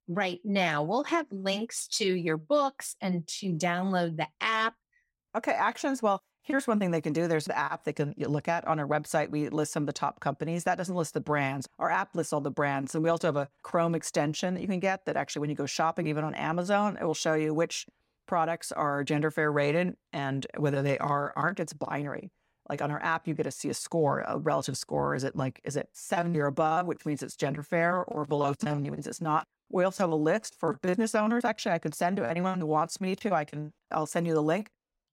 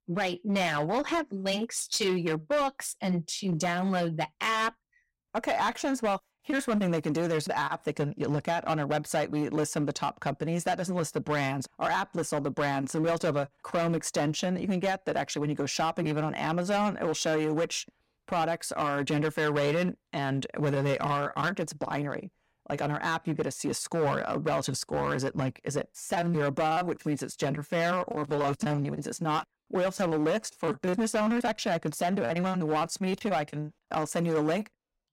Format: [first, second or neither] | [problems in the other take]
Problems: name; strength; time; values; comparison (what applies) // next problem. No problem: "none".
first | distortion; slight; 9% of the sound clipped